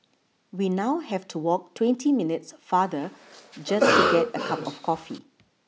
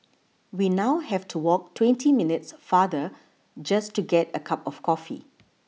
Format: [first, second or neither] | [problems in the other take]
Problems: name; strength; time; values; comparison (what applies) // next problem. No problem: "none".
second | background sound (Cough); 1 dB above the speech